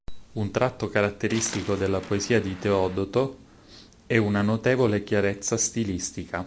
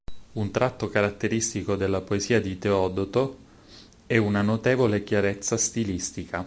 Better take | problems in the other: second | background sound (Waves, surf); 18 dB below the speech

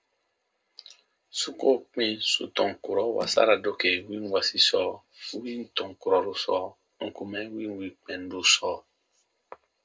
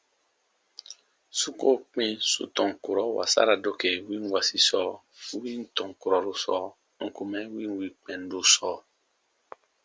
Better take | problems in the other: second | noise reduction (neural separator model SepFormer DNS4)

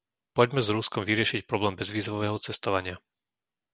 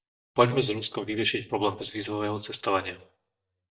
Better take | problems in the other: first | noise reduction (neural mask model DeepFilterNet 3)

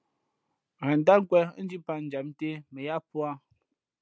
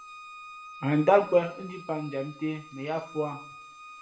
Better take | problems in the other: first | background sound (Bowed string instrument); 17 dB below the speech // room echo; dies away in 0.5 s

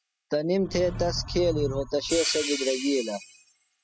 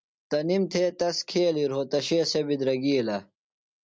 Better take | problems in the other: second | noise reduction (classical method spectral subtraction)

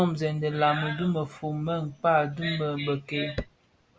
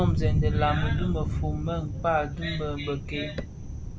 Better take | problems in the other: first | background sound (Thunder); 1 dB above the speech

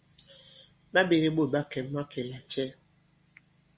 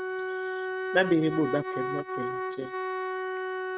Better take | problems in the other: first | noise reduction (neural mask model RNNoise)

